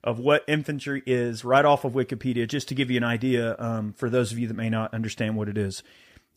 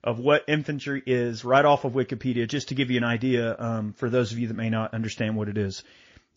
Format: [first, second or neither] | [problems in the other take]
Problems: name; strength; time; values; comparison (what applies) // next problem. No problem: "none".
first | garbled, watery; slightly; nothing above 6 kHz